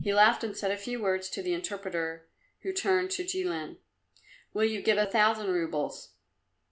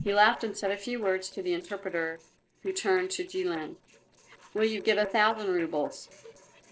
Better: first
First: none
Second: noise reduction (neural separator model SepFormer DNS4)

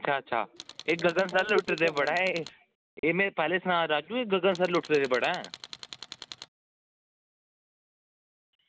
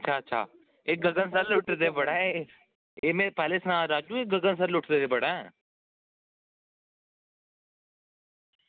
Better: second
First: background sound (Tools); 15 dB below the speech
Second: none

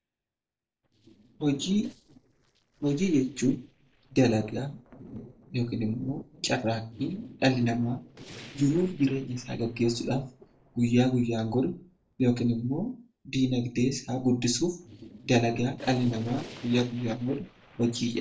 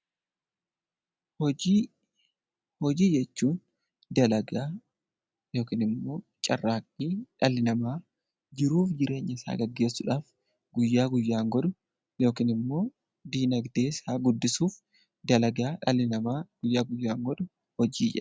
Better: second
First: noise reduction (neural separator model SepFormer DNS4)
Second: none

